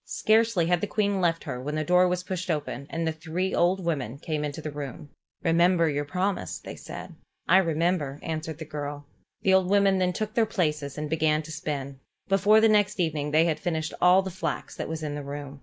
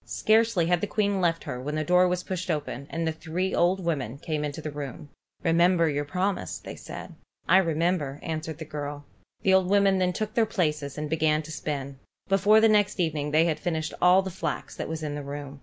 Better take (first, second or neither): second